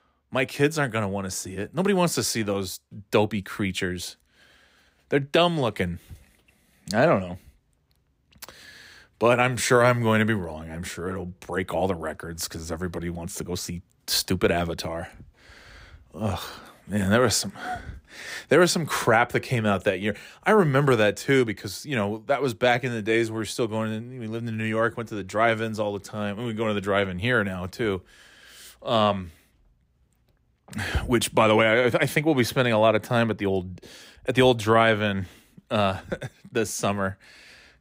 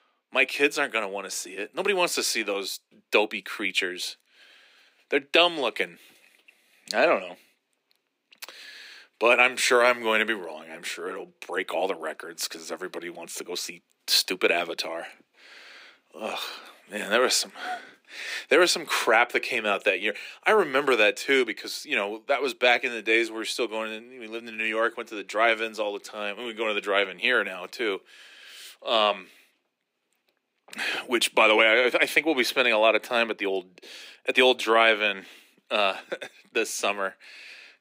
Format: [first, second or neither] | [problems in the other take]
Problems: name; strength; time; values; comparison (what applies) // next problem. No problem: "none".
first | thin; somewhat; fading below 300 Hz